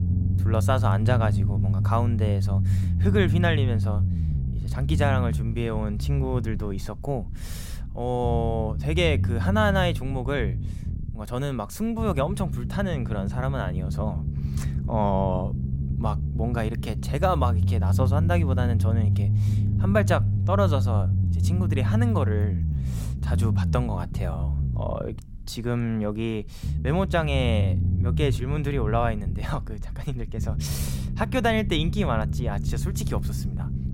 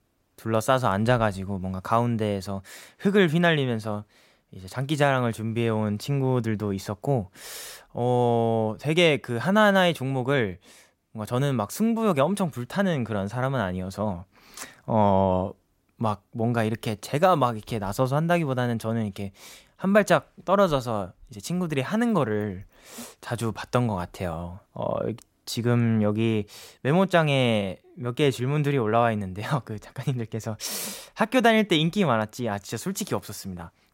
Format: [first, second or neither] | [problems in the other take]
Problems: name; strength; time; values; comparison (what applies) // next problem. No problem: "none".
second | low rumble; noticeable; throughout; 10 dB below the speech